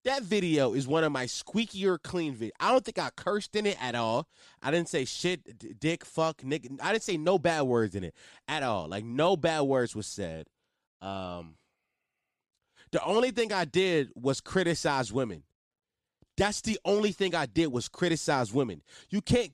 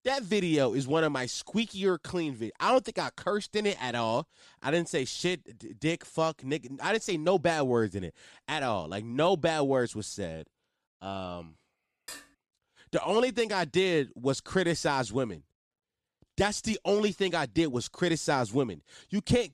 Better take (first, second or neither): first